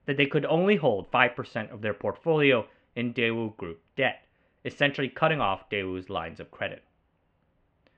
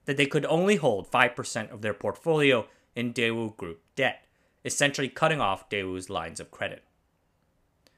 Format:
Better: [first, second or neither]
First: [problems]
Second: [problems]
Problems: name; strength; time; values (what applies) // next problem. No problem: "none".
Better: second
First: muffled; very; fading above 3 kHz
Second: none